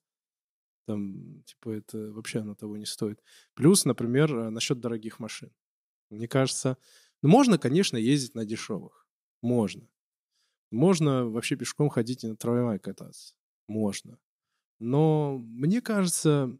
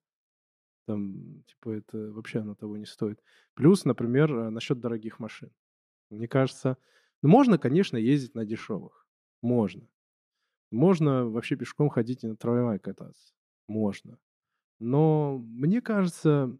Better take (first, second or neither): first